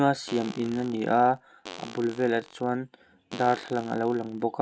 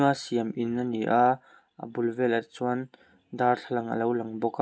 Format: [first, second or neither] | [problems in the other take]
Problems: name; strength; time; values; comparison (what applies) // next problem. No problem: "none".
second | background sound (Fart); 18 dB below the speech